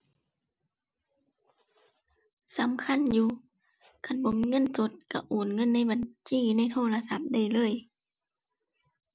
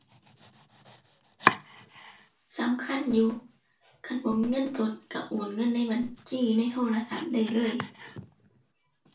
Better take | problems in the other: first | background sound (Domestic sounds, home sounds); 8 dB below the speech // room echo; dies away in 0.3 s

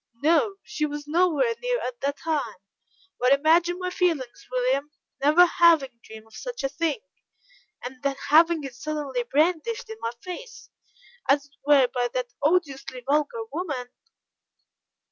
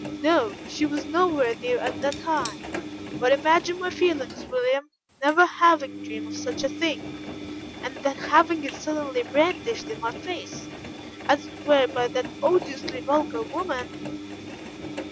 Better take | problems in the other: first | background sound (Engine); 10 dB below the speech

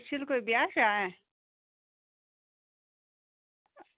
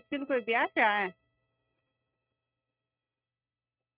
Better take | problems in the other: first | noise reduction (neural mask model RNNoise)

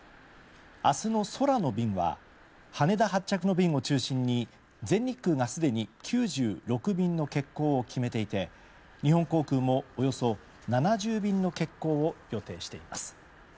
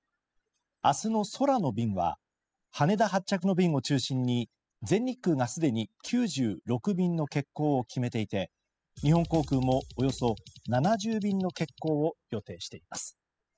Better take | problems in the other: first | noise reduction (classical method spectral subtraction)

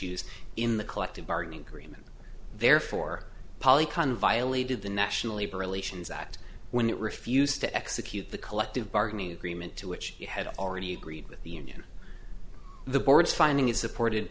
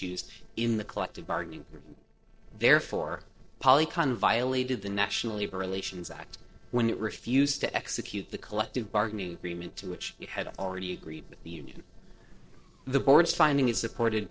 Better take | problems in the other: first | noise reduction (neural separator model SepFormer DNS4)

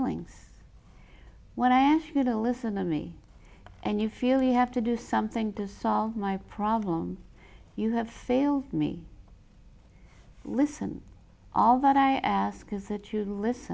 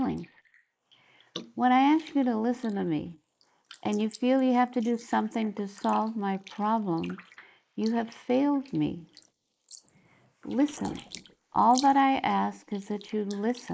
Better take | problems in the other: first | noise reduction (neural mask model Resemble Enhance denoiser)

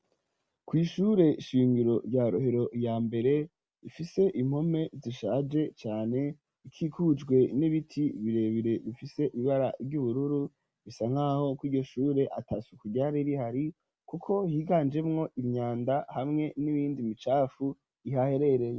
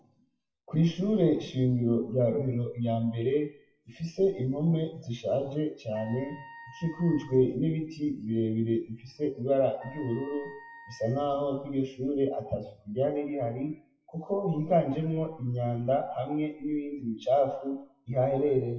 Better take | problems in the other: first | noise reduction (classical method WPE with log-MMSE)

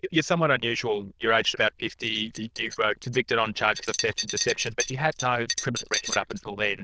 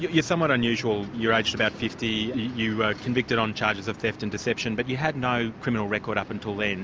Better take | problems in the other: second | noise reduction (neural diffusion model UNIVERSE++)

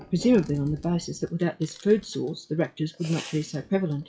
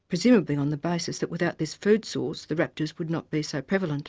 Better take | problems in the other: second | noise reduction (classical method WPE with log-MMSE)

